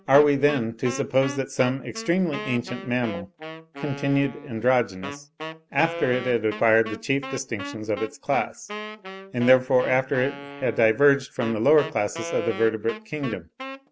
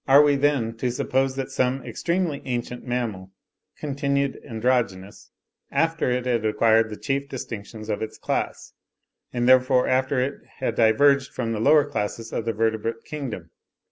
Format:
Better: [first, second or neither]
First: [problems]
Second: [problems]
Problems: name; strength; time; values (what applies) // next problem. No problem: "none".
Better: second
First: background sound (Wind instrument, woodwind instrument); 13 dB below the speech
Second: none